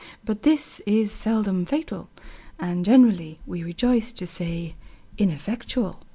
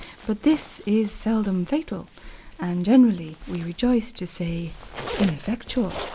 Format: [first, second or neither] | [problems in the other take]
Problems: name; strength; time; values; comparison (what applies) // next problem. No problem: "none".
first | background sound (Zipper (clothing)); 16 dB below the speech